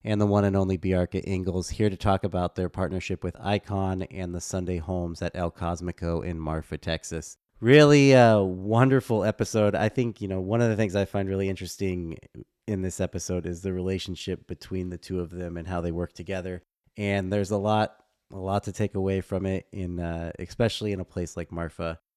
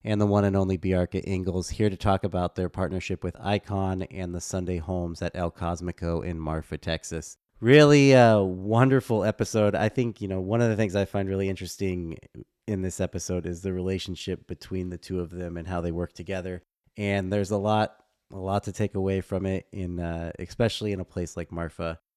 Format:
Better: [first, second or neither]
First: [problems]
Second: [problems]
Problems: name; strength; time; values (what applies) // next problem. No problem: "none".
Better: neither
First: none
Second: none